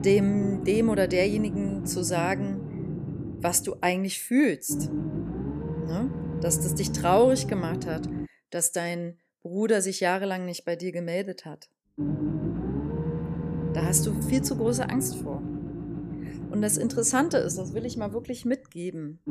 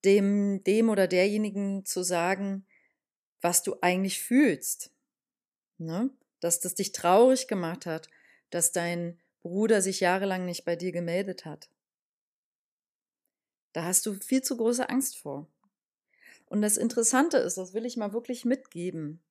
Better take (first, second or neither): second